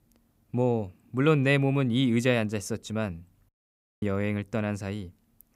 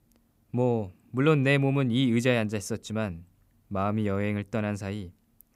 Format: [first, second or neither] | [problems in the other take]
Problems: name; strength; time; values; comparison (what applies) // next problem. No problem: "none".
second | audio cutting out; at 3.5 s for 0.5 s